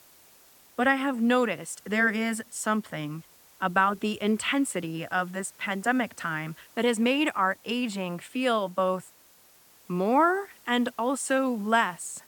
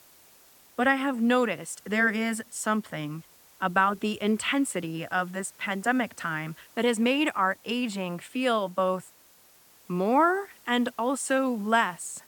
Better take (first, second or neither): neither